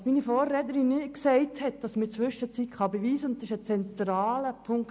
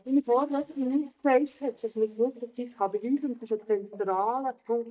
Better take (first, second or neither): first